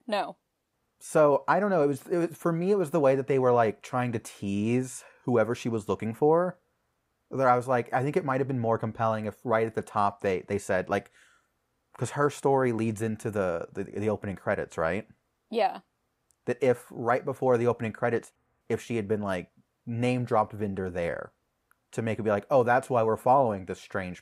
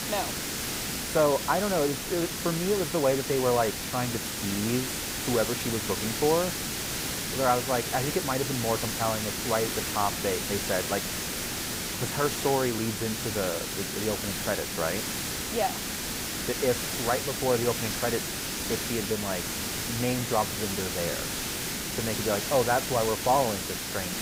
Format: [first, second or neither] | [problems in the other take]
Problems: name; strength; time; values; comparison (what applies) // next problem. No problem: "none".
first | hiss; loud; throughout; 1 dB below the speech